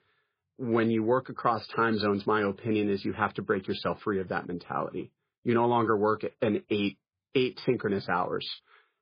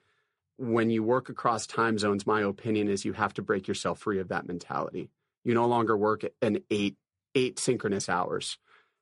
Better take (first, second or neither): second